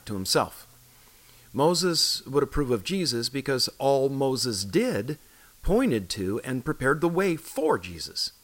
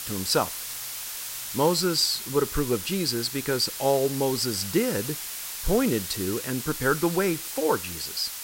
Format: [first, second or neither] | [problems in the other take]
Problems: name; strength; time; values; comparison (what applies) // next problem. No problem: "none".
first | hiss; loud; throughout; 6 dB below the speech; faint in the first